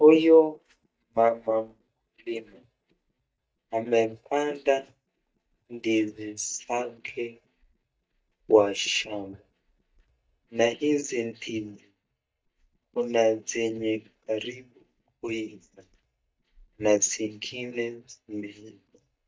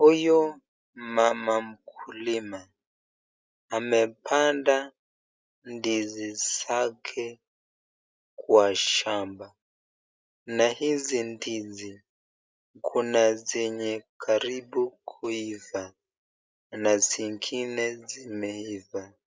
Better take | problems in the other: second | noise reduction (neural mask model DeepFilterNet 3)

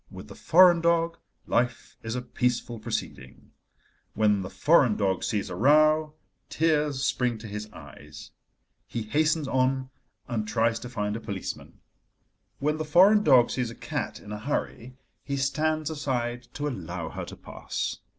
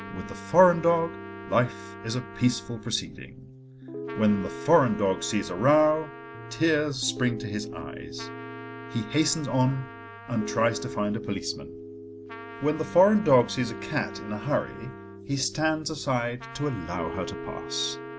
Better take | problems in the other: first | background sound (Piano + Trumpet); 12 dB below the speech

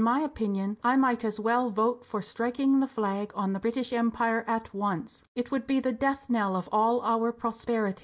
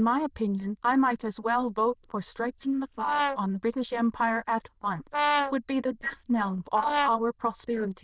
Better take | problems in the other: first | noise reduction (neural diffusion model UNIVERSE++)

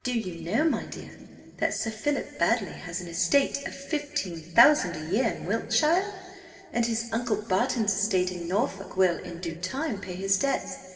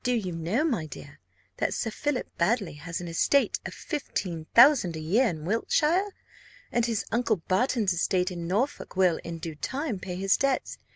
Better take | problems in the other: second | room echo; dies away in 2.3 s

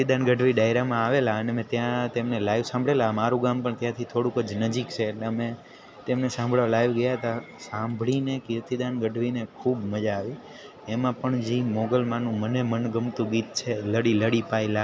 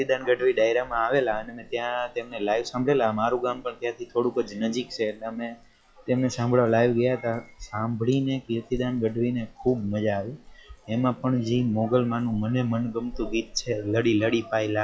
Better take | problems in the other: first | noise reduction (classical method log-MMSE)

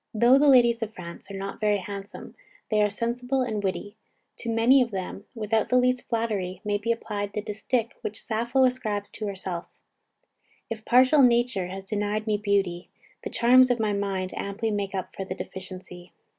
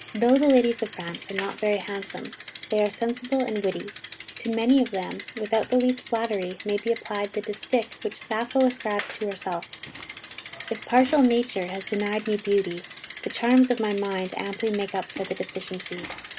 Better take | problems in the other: first | background sound (Bicycle); 15 dB below the speech

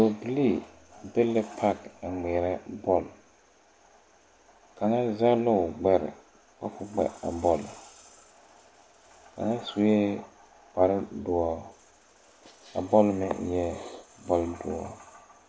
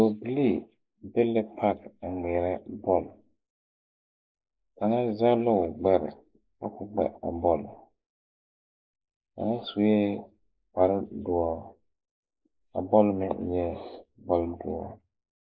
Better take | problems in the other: first | noise reduction (neural mask model Resemble Enhance denoiser)

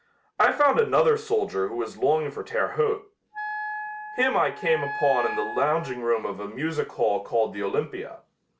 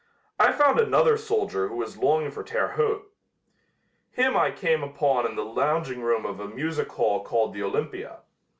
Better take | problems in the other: second | background sound (Wind instrument, woodwind instrument); 9 dB below the speech

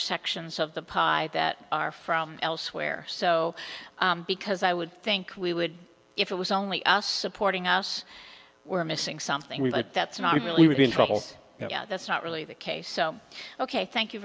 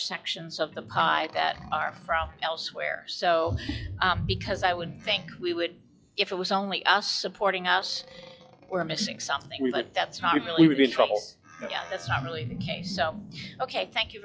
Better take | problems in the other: first | noise reduction (classical method log-MMSE)

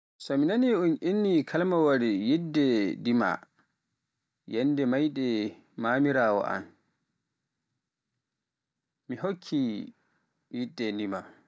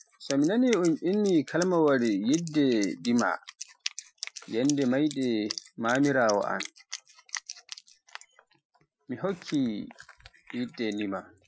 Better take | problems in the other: first | noise reduction (classical method Wiener filter)

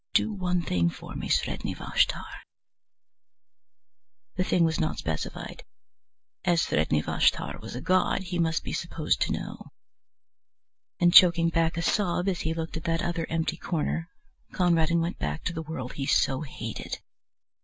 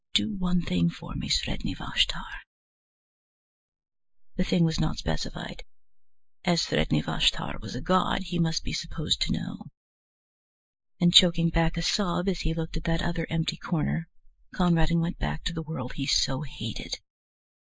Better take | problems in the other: first | noise reduction (neural mask model Resemble Enhance denoiser)

